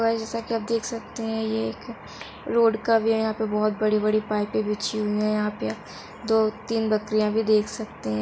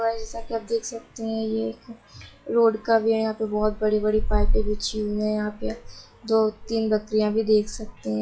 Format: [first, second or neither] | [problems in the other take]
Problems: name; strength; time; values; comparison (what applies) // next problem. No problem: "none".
first | noise reduction (classical method log-MMSE)